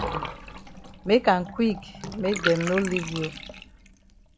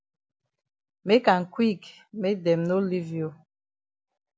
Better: second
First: background sound (Bathtub (filling or washing) / Water); 8 dB below the speech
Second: none

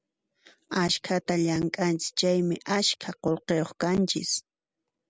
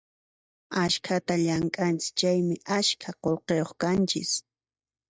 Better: first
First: none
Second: noise reduction (neural mask model DeepFilterNet 3)

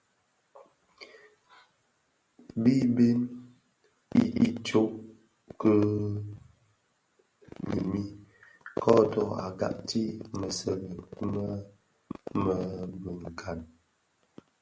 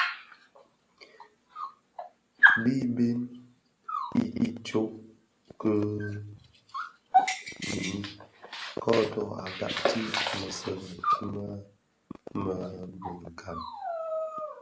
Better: first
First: none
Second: background sound (Dog); 1 dB above the speech

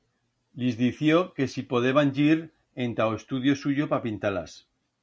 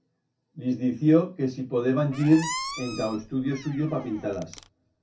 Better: first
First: none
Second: background sound (Squeak); 12 dB below the speech // room echo; dies away in 0.3 s

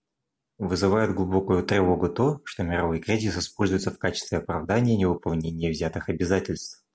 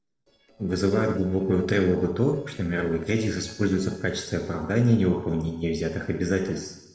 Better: first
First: none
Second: noise reduction (neural separator model SepFormer DNS4)

